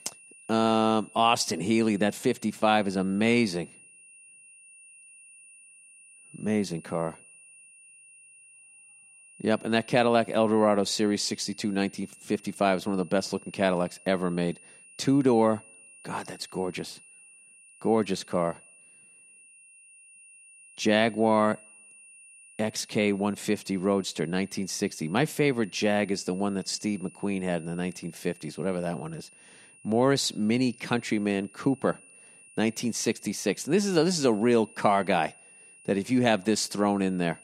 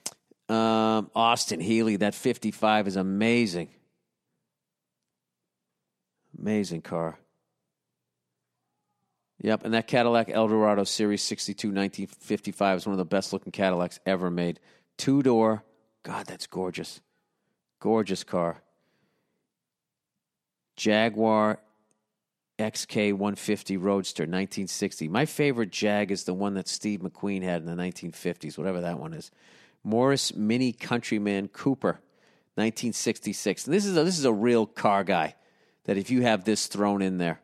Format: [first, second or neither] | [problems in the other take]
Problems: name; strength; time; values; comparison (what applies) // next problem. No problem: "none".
second | high-pitched whine; faint; throughout; 9.5 kHz, 25 dB below the speech